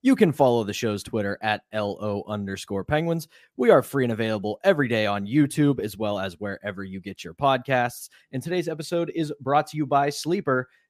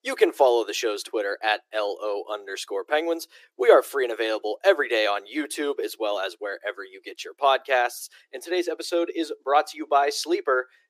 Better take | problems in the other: first | thin; very; fading below 350 Hz

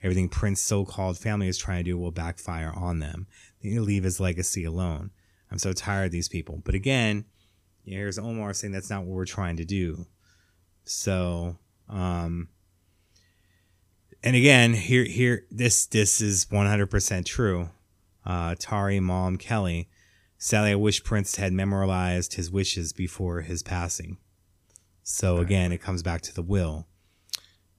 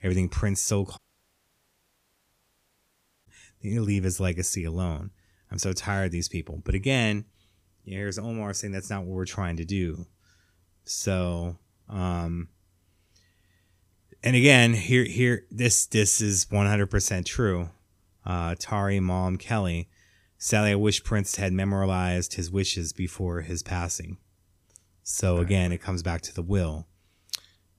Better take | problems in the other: first | audio cutting out; at 1 s for 2.5 s

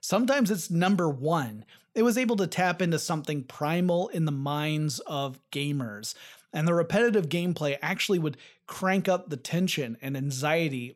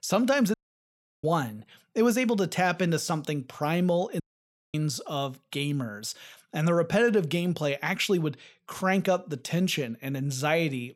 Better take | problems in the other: first | audio cutting out; at 0.5 s for 0.5 s and at 4 s for 0.5 s

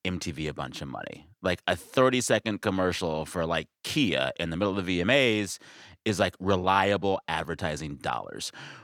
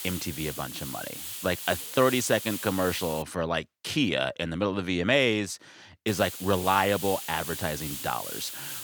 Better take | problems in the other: first | hiss; loud; until 3 s and from 6 s on; 7 dB below the speech

